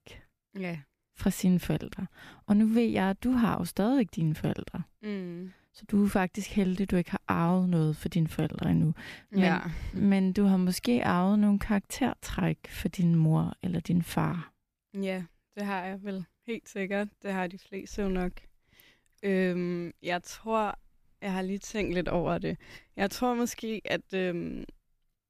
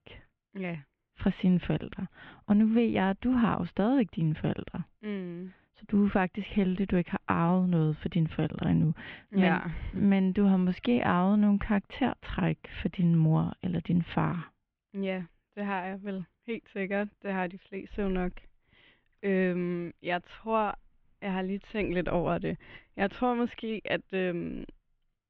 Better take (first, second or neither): first